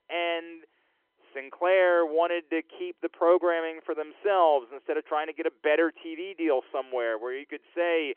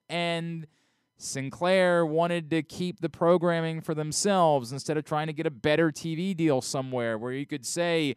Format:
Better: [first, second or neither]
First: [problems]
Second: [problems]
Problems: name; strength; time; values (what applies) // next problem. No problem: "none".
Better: second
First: phone-call audio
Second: none